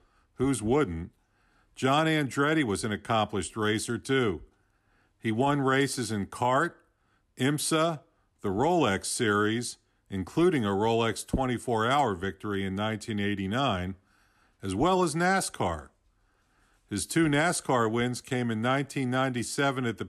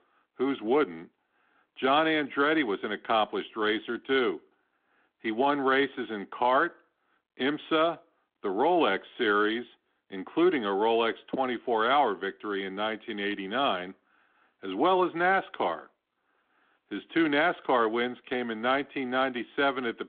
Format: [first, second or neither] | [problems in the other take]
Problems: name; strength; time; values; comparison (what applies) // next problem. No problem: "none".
first | phone-call audio; nothing above 3.5 kHz